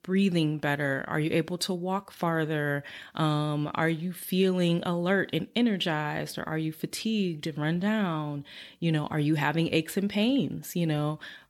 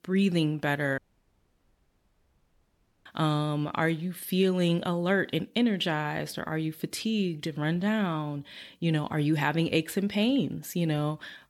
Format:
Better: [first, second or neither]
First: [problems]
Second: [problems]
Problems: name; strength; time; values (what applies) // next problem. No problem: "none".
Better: first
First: none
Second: audio cutting out; at 1 s for 2 s